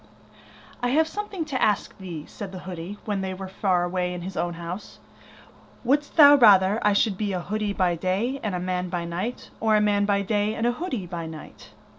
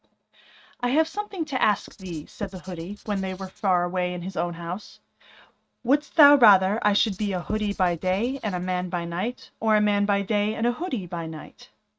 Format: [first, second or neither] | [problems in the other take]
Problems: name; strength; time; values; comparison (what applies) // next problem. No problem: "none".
first | noise reduction (neural mask model RNNoise)